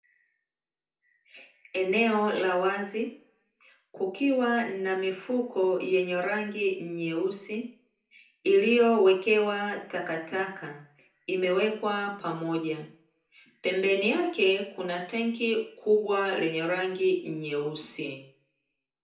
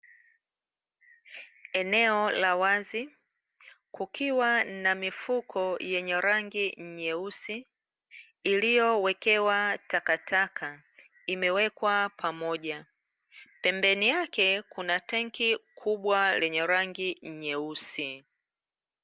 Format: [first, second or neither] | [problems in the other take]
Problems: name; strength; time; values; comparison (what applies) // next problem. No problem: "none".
second | room echo; dies away in 0.6 s